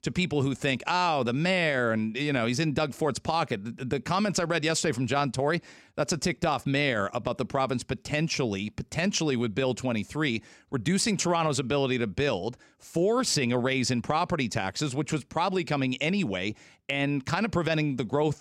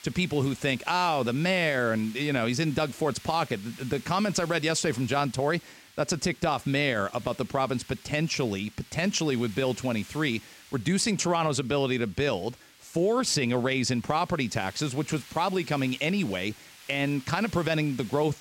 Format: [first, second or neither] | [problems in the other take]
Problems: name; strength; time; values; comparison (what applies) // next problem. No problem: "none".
first | hiss; faint; throughout; 20 dB below the speech